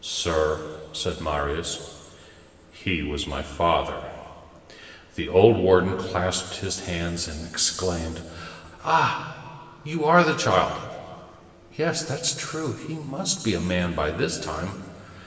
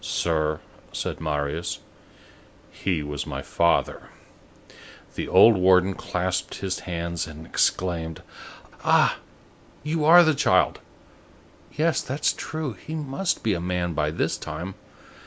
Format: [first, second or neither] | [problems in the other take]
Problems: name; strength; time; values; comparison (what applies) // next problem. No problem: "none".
second | room echo; dies away in 1.9 s